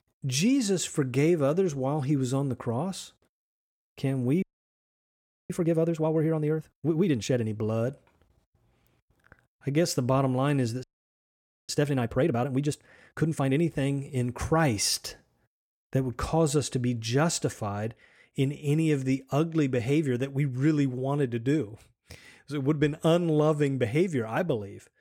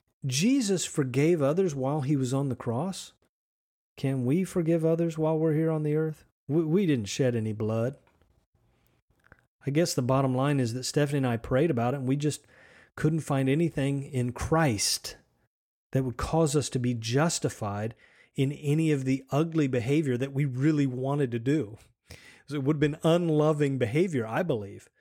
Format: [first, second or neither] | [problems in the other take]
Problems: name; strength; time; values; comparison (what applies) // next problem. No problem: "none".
second | audio freezing; at 4.5 s for 1 s and at 11 s for 1 s